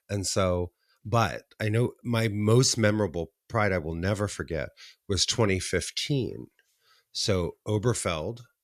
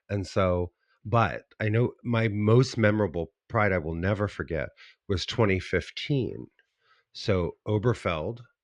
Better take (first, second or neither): first